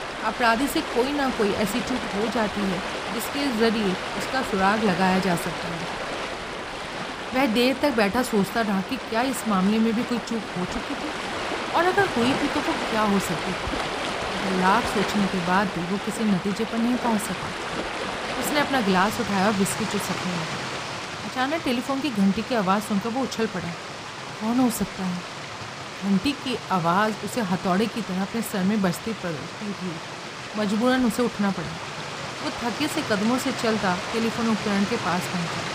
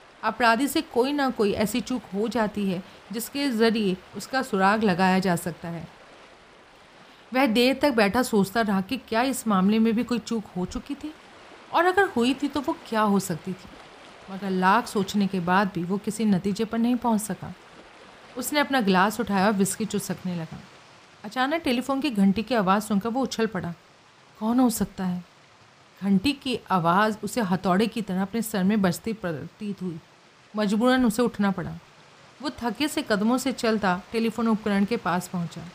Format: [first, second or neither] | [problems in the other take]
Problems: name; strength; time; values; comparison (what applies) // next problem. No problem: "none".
second | rain or running water; loud; throughout; 5 dB below the speech; faint in the second